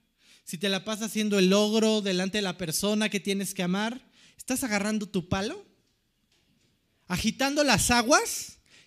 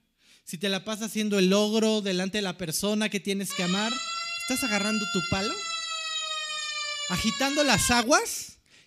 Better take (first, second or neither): first